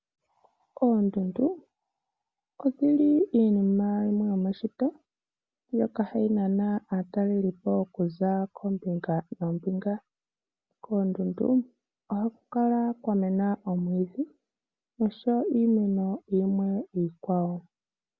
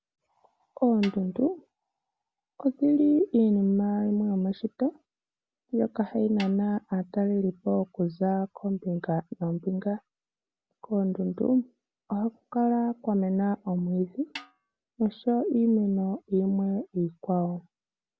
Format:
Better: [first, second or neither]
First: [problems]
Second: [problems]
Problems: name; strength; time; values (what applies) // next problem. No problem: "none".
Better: first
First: none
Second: background sound (Snare drum); 18 dB below the speech